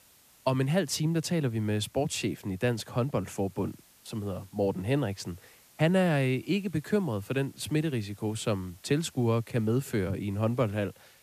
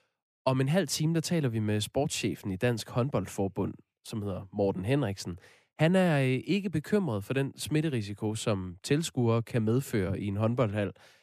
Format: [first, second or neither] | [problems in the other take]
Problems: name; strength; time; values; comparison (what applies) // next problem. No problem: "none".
second | hiss; faint; throughout; 25 dB below the speech